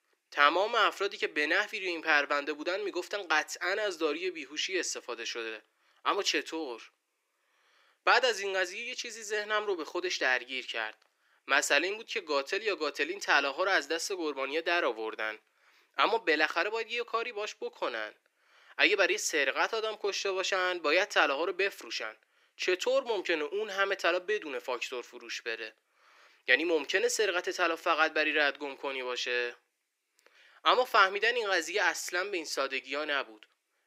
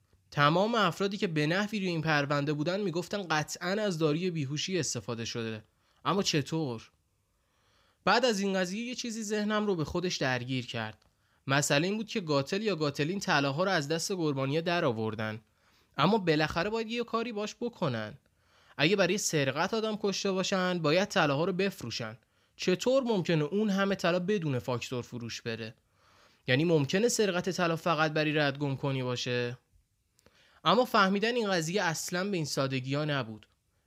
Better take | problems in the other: second | thin; very; fading below 350 Hz

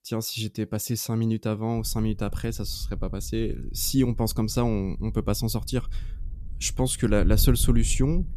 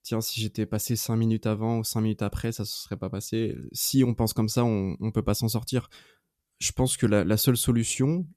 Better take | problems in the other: second | wind noise on the microphone; occasional gusts; from 2 s on; 20 dB below the speech

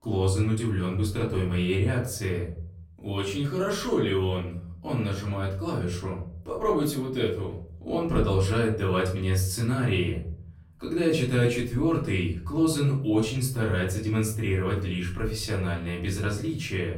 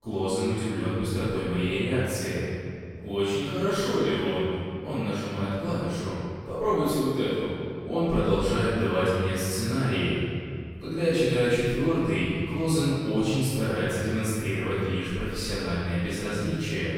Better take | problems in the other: first | room echo; strong; dies away in 2.1 s; slight in the first // off-mic speech; far; far in the first

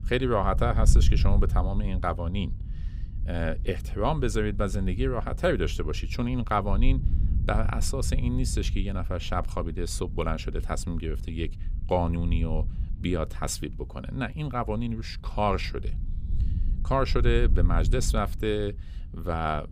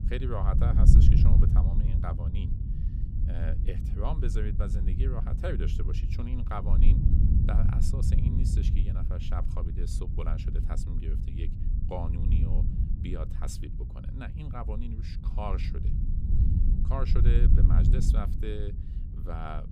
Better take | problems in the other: first | wind noise on the microphone; heavy; 2 dB below the speech; occasional gusts in the first

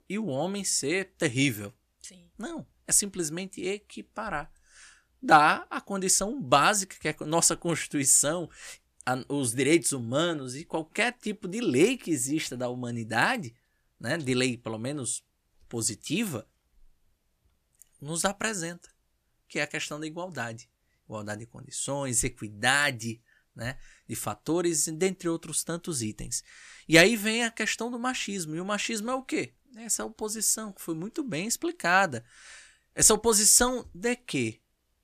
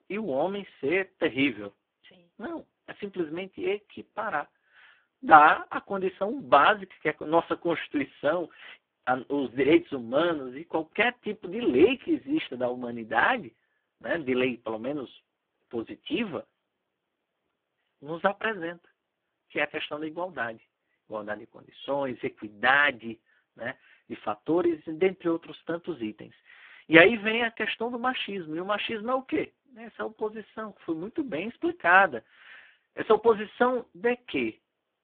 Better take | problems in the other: first | phone-call audio; poor line

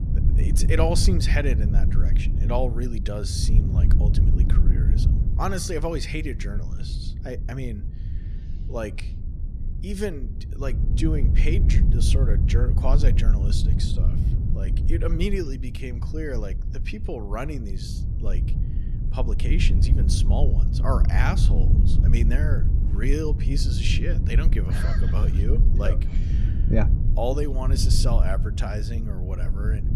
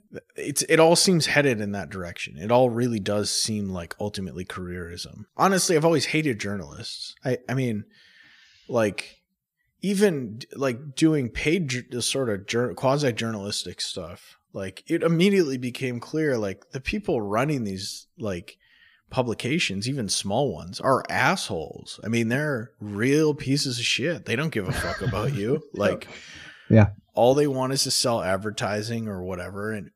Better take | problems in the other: second | low rumble; loud; throughout; 7 dB below the speech

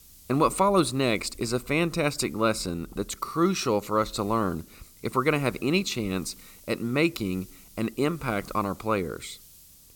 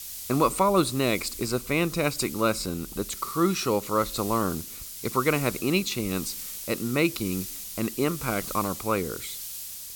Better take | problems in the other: first | hiss; loud; throughout; 9 dB below the speech; faint in the first

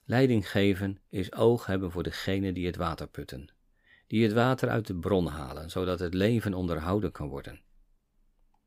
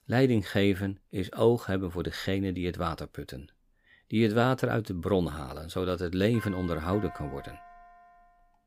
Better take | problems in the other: first | doorbell; faint; from 6.5 s on; peak 15 dB below the speech

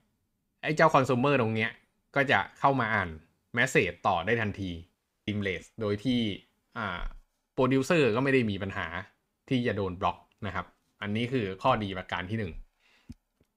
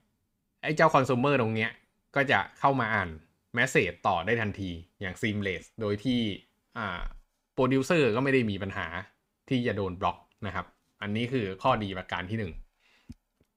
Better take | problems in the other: second | audio cutting out; at 5 s

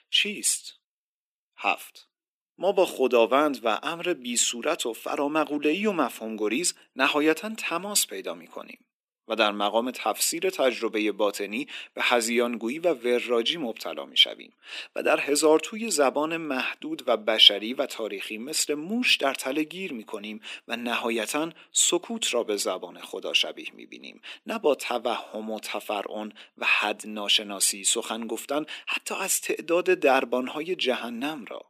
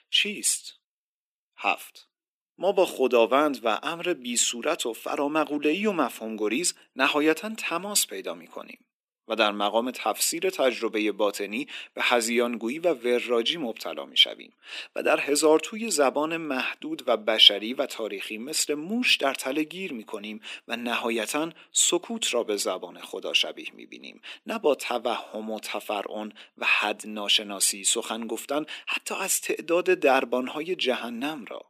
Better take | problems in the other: neither | thin; somewhat; fading below 250 Hz; the same in both

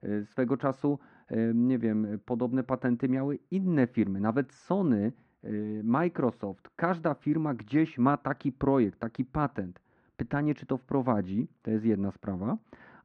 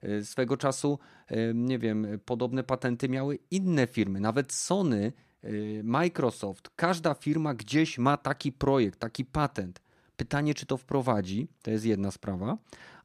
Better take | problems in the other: second | muffled; very; fading above 1.5 kHz

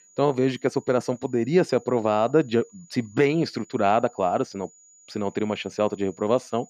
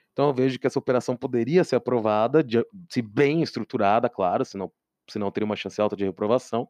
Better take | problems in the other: second | high-pitched whine; faint; throughout; 7 kHz, 30 dB below the speech

